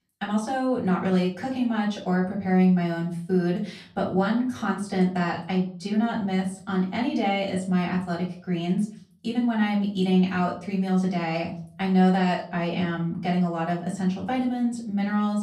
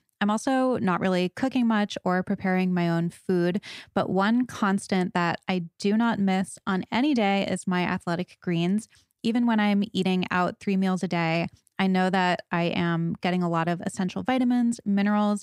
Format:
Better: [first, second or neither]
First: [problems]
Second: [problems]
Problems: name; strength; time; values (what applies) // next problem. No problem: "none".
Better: second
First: off-mic speech; far // room echo; slight; dies away in 0.4 s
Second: none